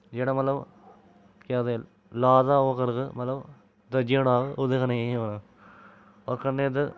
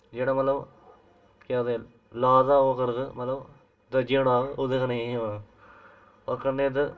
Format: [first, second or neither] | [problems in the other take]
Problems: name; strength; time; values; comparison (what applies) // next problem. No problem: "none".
first | room echo; dies away in 0.2 s